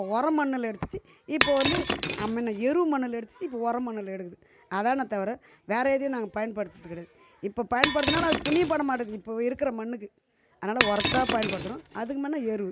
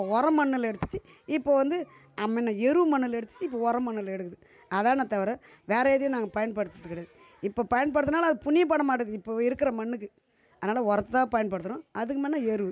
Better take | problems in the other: second | background sound (Shatter); 2 dB below the speech

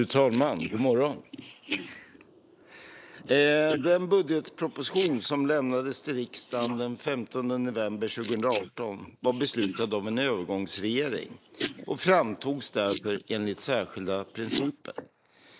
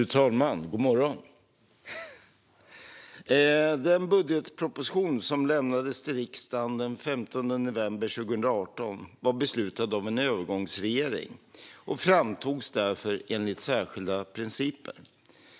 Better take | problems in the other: second | noise reduction (neural mask model Resemble Enhance denoiser)

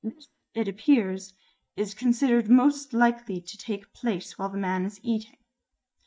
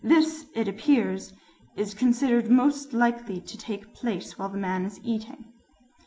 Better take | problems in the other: second | noise reduction (neural mask model DeepFilterNet 3)

